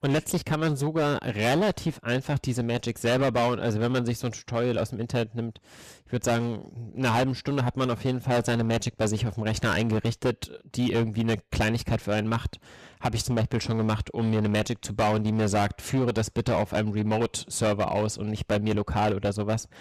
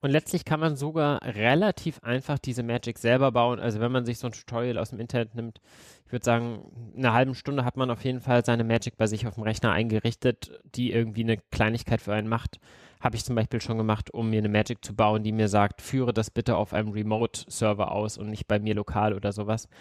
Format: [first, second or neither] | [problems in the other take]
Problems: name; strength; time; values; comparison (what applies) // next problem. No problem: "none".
second | distortion; heavy; 12% of the sound clipped